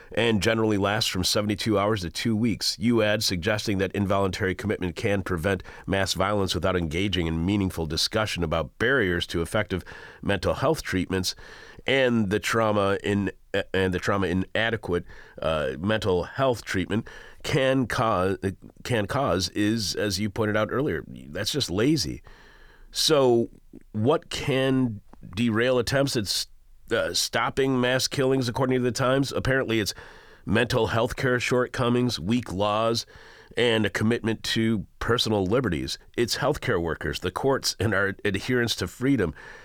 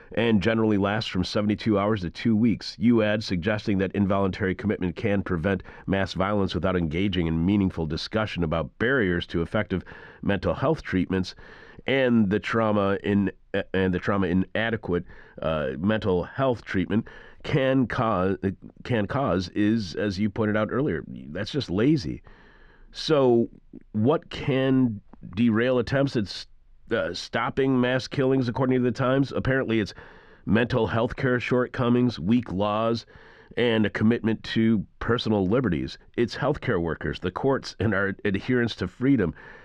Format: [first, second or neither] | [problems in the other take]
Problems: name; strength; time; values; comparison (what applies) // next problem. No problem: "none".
first | muffled; slightly; fading above 3 kHz